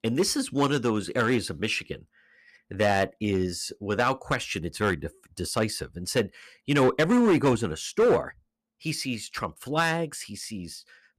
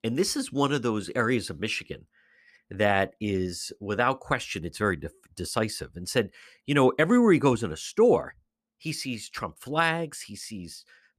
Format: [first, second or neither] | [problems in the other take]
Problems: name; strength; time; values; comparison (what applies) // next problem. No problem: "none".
second | distortion; slight; 4% of the sound clipped